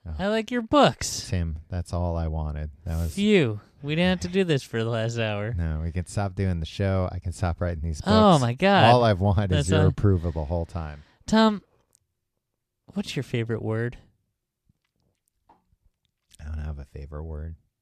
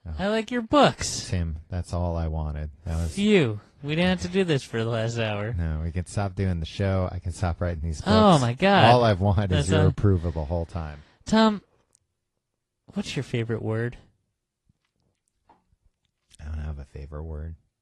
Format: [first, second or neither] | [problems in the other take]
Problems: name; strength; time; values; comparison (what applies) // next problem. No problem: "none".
first | garbled, watery; slightly